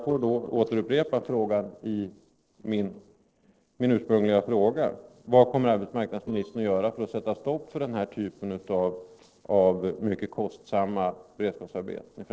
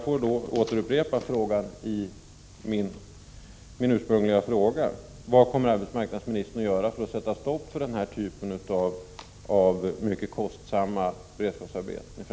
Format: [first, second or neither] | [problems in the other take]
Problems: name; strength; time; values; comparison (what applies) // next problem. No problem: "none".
second | noise reduction (neural separator model SepFormer DNS4)